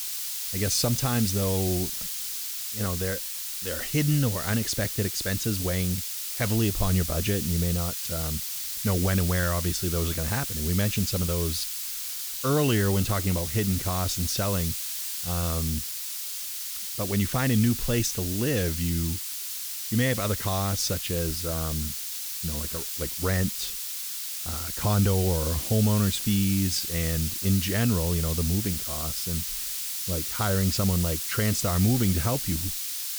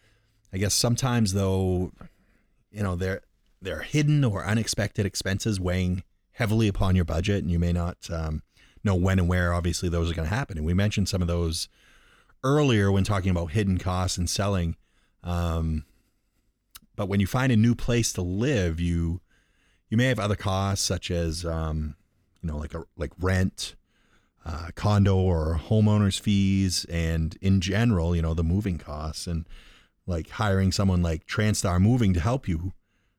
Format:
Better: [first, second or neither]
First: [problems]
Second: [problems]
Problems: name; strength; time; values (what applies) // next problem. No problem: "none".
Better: second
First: hiss; loud; throughout; 1 dB below the speech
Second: none